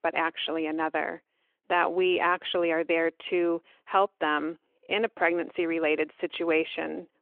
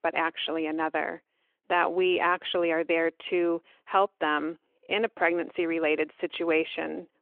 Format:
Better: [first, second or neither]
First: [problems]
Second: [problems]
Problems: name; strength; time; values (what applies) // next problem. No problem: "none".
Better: neither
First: phone-call audio; nothing above 3.5 kHz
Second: phone-call audio; nothing above 3.5 kHz